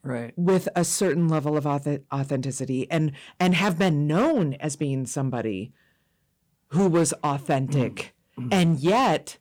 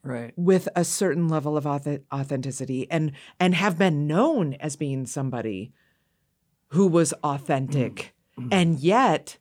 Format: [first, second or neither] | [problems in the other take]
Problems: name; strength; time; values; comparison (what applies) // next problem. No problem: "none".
second | distortion; slight; 5% of the sound clipped